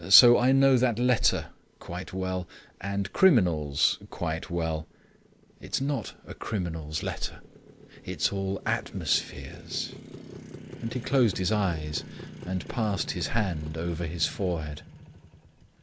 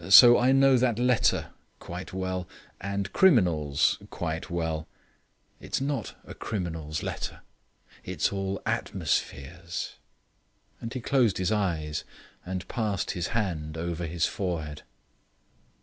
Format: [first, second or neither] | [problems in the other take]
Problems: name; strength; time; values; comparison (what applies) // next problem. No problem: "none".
second | background sound (Motorcycle); 18 dB below the speech